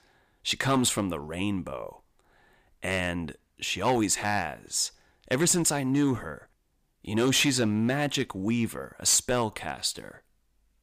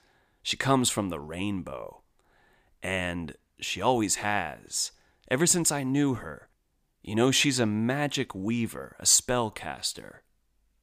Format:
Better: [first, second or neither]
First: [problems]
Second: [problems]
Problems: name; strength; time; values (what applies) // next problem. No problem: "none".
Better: second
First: distortion; slight; 3% of the sound clipped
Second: none